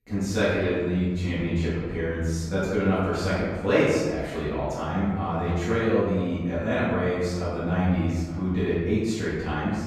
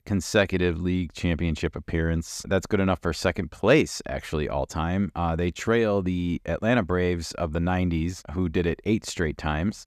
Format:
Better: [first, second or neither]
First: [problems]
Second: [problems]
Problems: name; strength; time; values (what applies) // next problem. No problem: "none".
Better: second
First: room echo; strong; dies away in 1.2 s // off-mic speech; far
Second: none